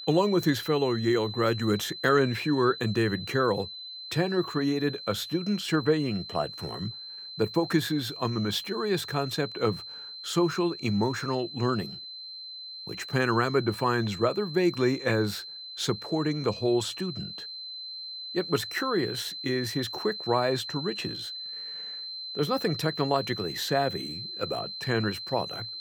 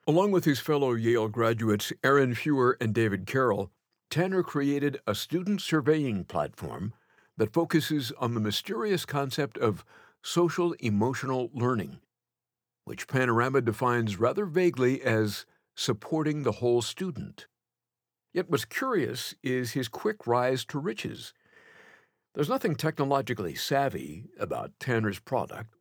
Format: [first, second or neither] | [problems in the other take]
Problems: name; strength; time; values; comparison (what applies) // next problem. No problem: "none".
second | high-pitched whine; loud; throughout; 4 kHz, 9 dB below the speech